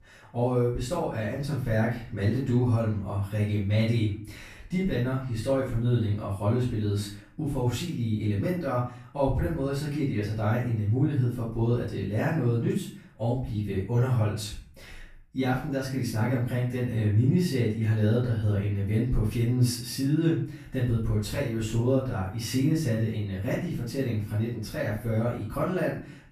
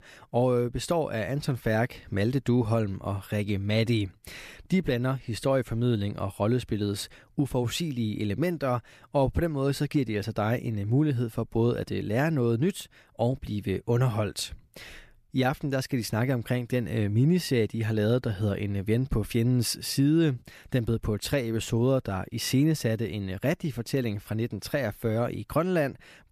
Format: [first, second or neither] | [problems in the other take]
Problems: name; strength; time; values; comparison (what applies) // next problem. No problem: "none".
second | off-mic speech; far // room echo; noticeable; dies away in 0.4 s